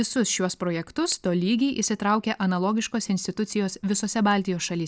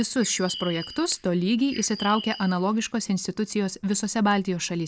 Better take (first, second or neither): first